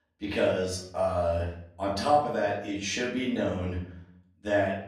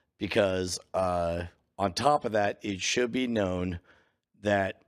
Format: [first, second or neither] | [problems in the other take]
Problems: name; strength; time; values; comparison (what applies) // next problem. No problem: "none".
second | off-mic speech; far // room echo; noticeable; dies away in 0.6 s